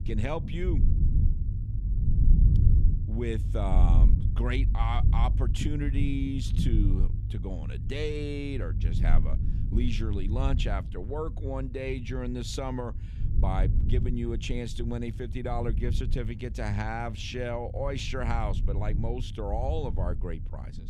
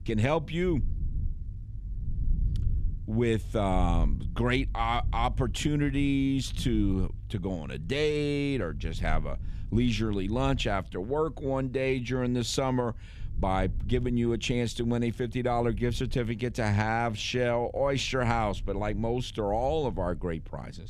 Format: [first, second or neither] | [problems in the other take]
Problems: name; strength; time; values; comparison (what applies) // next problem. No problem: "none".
second | low rumble; loud; throughout; 9 dB below the speech; faint in the second